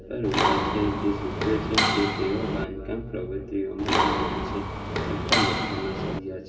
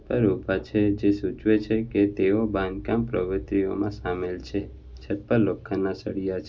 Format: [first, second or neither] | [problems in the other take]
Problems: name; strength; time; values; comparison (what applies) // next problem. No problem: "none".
second | background sound (Mechanisms); 4 dB above the speech // room echo; dies away in 2 s